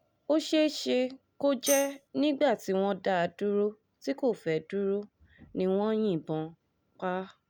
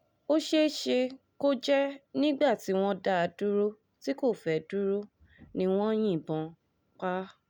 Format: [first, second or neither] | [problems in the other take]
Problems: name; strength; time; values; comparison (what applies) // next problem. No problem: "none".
second | background sound (Tambourine); 10 dB below the speech